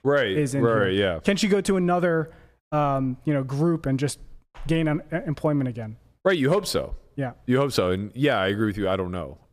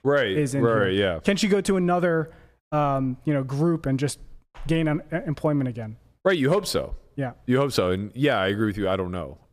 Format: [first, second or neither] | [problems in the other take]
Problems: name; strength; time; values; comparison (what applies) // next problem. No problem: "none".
neither | none